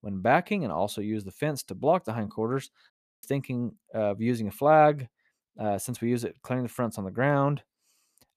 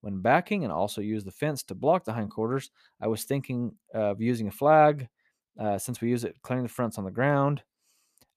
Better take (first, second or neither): second